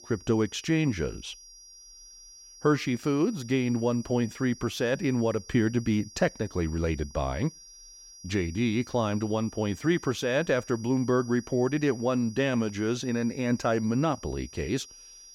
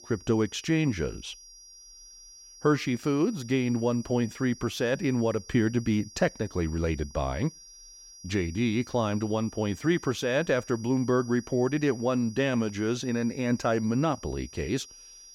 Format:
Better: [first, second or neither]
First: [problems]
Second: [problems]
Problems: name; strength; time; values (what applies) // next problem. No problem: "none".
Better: neither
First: high-pitched whine; noticeable; throughout; 5.5 kHz, 20 dB below the speech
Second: high-pitched whine; noticeable; throughout; 5.5 kHz, 20 dB below the speech